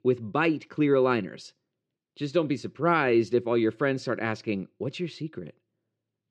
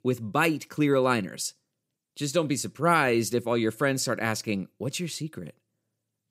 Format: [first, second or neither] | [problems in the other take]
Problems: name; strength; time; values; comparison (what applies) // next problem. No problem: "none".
second | muffled; slightly; fading above 4 kHz